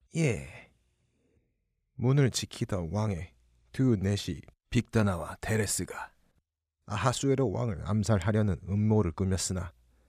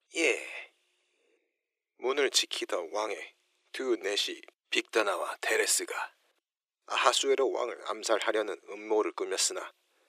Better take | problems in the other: first | thin; very; fading below 350 Hz

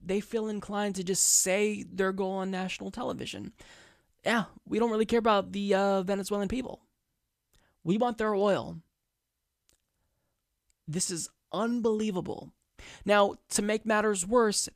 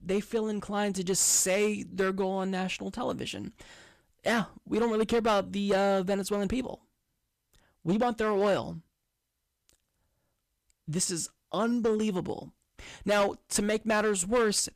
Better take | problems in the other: first | distortion; slight; 5% of the sound clipped

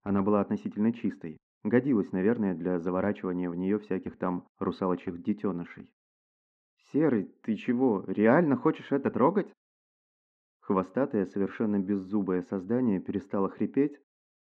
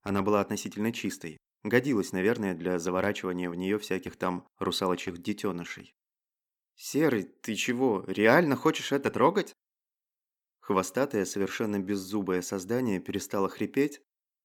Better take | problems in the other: second | muffled; very; fading above 1.5 kHz

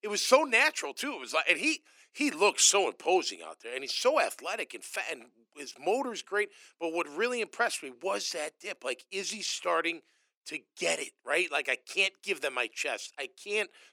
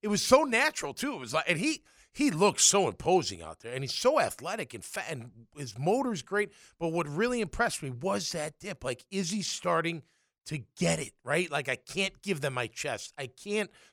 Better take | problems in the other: second | thin; somewhat; fading below 300 Hz

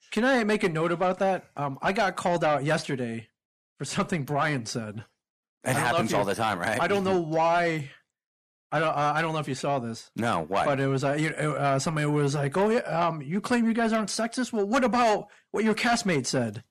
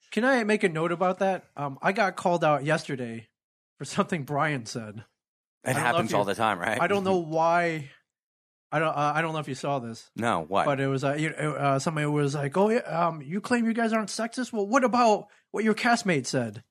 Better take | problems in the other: second | distortion; slight; 10 dB below the speech

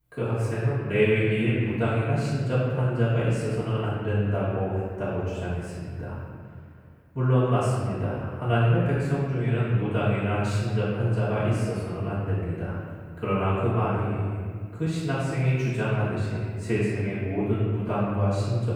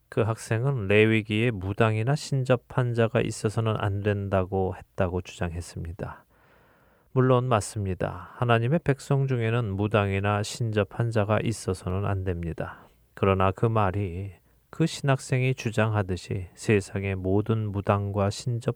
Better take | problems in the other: second | off-mic speech; far // room echo; strong; dies away in 2.1 s

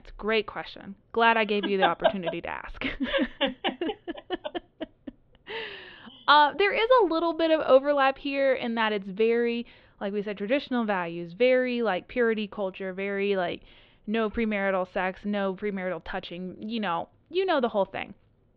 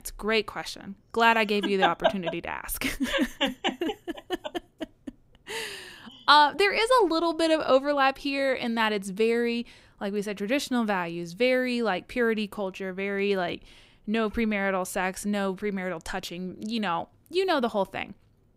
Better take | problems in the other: second | muffled; slightly; fading above 3.5 kHz

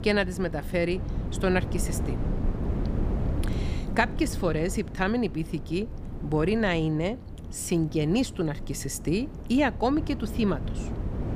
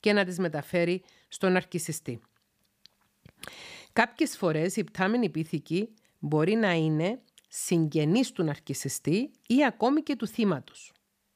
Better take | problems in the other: second | wind noise on the microphone; occasional gusts; 15 dB below the speech

